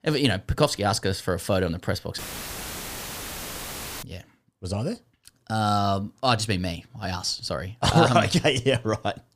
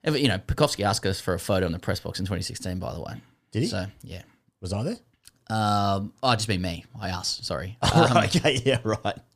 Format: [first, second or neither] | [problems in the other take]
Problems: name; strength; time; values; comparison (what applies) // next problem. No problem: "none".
second | audio cutting out; filled with static; at 2 s for 2 s